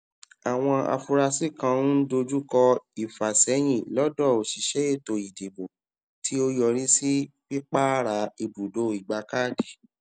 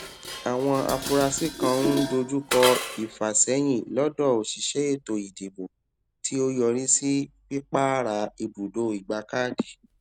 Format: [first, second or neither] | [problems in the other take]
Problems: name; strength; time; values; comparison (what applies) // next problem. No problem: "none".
first | background sound (Dishes, pots, and pans); 9 dB below the speech